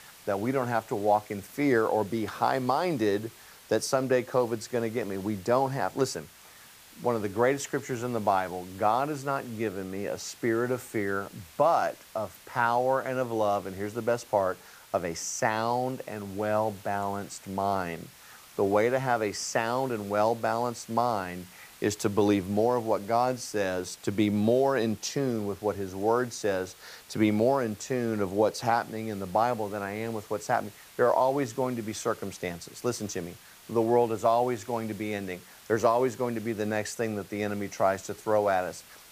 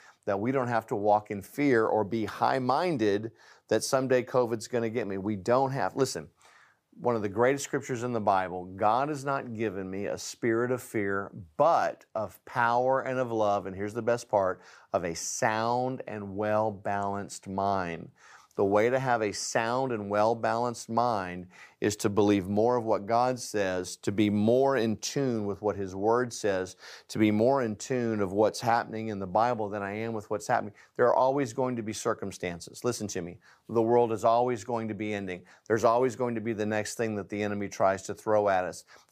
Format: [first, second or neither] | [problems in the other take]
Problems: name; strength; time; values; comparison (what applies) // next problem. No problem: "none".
second | hiss; faint; throughout; 20 dB below the speech